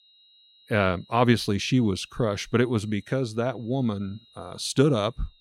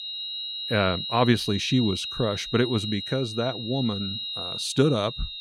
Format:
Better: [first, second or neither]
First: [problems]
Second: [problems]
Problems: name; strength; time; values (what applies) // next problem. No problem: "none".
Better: first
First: high-pitched whine; faint; throughout; 4 kHz, 30 dB below the speech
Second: high-pitched whine; loud; throughout; 4 kHz, 6 dB below the speech